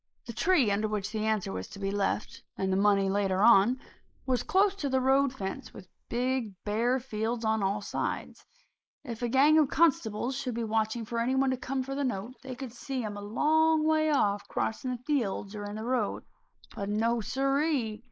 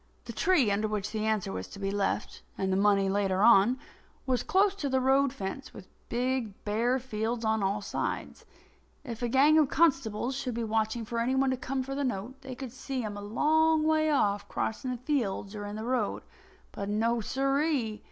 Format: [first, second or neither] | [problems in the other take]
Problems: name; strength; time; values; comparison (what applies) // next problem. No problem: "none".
second | noise reduction (neural mask model Resemble Enhance denoiser)